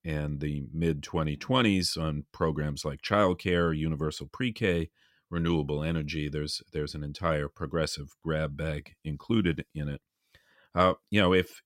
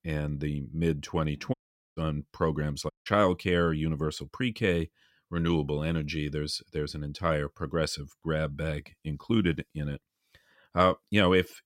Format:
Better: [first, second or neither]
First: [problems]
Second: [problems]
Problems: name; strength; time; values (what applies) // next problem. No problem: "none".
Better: first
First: none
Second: audio cutting out; at 1.5 s and at 3 s